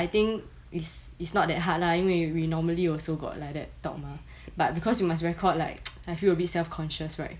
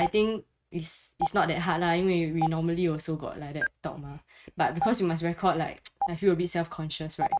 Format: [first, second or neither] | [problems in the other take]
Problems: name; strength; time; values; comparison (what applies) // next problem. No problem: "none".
first | noise reduction (neural mask model RNNoise)